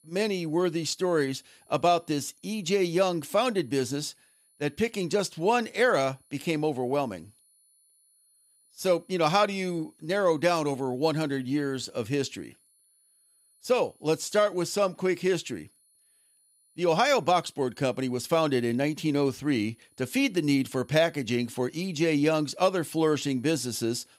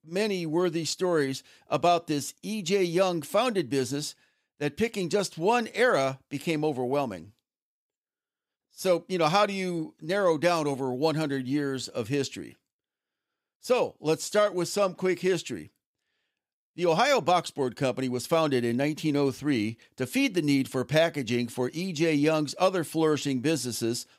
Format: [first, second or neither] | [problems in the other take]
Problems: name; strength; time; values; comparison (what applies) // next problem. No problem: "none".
second | high-pitched whine; faint; throughout; 10 kHz, 35 dB below the speech